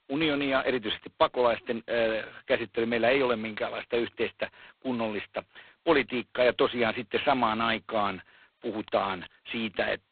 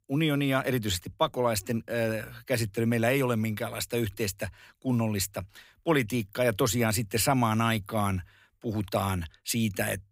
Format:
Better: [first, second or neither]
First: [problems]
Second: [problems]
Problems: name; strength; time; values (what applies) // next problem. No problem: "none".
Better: second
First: phone-call audio; poor line; nothing above 4 kHz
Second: none